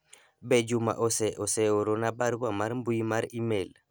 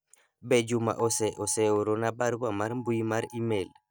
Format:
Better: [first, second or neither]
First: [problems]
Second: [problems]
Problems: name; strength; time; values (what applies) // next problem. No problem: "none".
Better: first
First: none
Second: noise reduction (neural mask model DeepFilterNet 3)